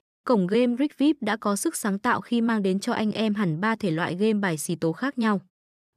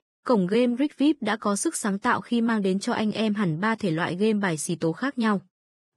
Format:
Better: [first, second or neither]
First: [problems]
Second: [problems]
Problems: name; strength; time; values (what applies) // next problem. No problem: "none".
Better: first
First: none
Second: garbled, watery; badly; nothing above 10.5 kHz